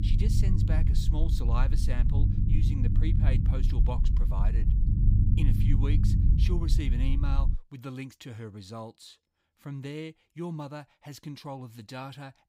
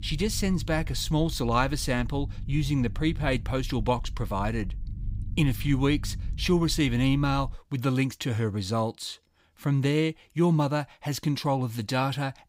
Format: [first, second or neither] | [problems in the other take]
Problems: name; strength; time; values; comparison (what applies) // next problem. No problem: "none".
second | low rumble; loud; until 7.5 s; as loud as the speech; faint in the second